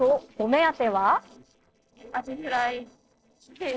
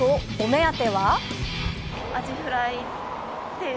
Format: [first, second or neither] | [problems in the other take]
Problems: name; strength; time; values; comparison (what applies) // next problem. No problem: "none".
second | noise reduction (neural separator model SepFormer DNS4)